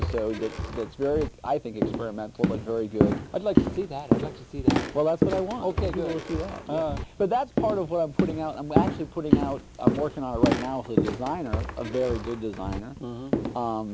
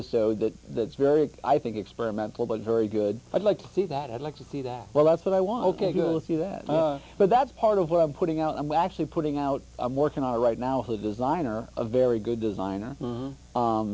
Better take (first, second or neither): second